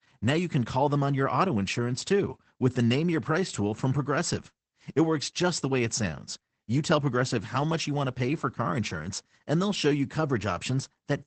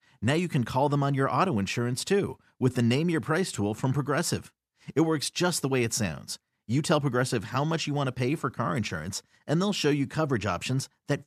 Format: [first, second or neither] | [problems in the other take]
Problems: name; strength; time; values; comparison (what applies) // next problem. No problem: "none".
second | garbled, watery; badly; nothing above 8 kHz